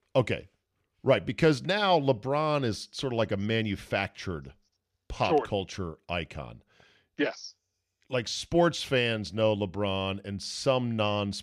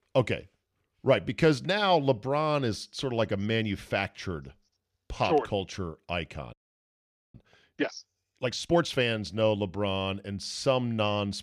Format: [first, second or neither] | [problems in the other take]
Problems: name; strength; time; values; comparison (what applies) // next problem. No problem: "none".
first | audio freezing; at 6.5 s for 1 s